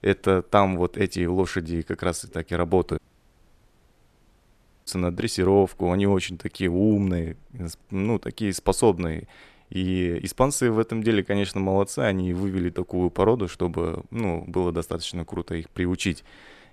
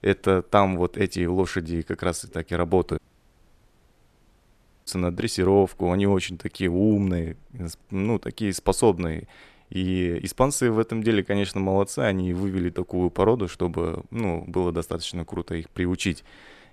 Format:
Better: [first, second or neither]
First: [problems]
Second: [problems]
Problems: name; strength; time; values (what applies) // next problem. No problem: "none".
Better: neither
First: audio cutting out; at 3 s for 2 s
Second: audio cutting out; at 3 s for 2 s